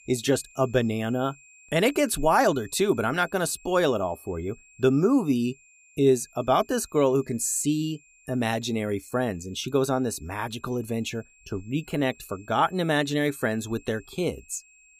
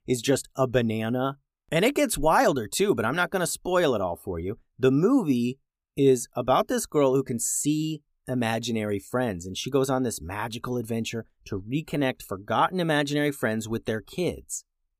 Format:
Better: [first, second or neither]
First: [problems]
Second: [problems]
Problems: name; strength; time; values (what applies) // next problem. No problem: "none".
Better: second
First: high-pitched whine; faint; throughout; 2.5 kHz, 25 dB below the speech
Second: none